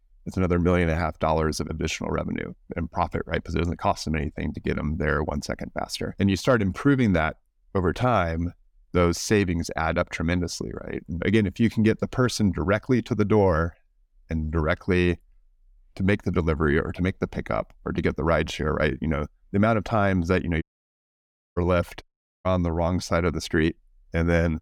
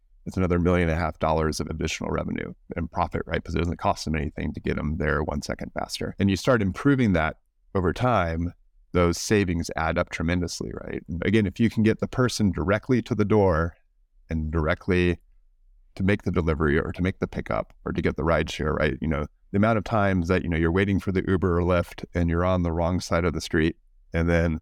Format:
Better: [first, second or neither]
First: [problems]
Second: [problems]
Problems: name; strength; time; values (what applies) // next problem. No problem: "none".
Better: second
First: audio cutting out; at 21 s for 1 s and at 22 s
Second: none